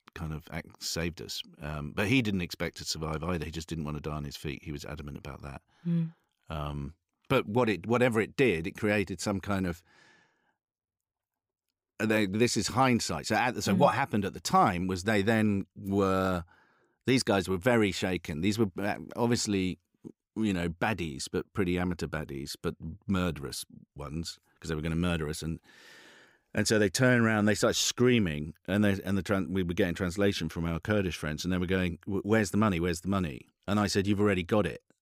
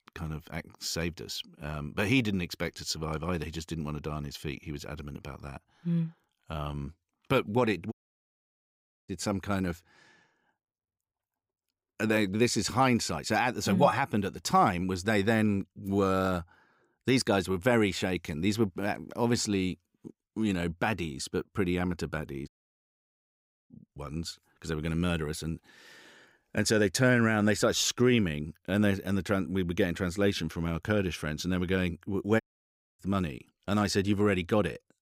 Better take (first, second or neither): first